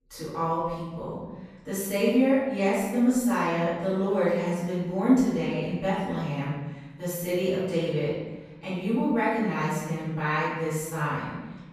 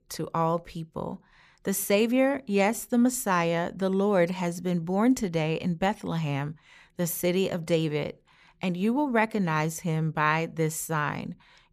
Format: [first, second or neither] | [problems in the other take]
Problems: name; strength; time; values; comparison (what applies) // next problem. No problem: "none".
second | room echo; strong; dies away in 1.1 s // off-mic speech; far